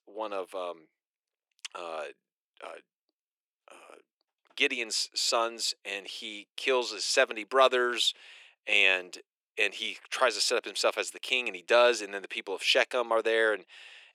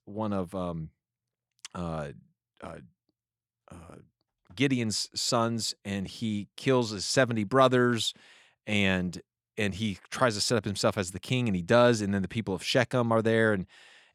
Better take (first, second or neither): second